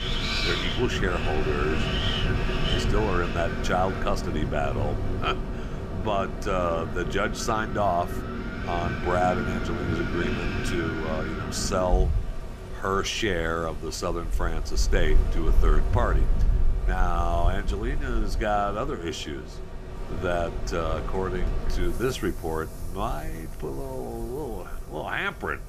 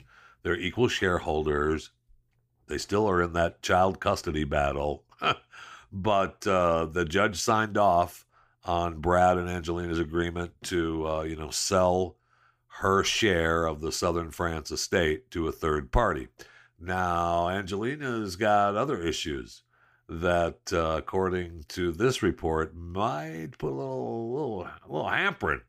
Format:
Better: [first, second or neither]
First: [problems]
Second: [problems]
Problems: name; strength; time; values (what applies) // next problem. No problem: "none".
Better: second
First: wind in the background; loud; throughout; 1 dB below the speech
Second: none